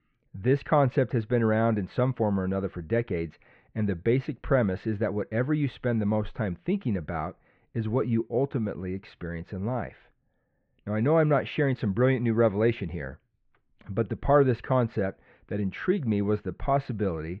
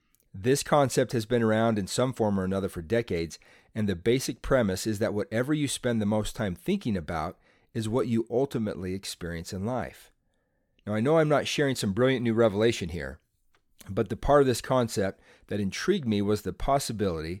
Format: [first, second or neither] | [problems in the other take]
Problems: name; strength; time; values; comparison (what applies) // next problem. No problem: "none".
second | muffled; very; fading above 2.5 kHz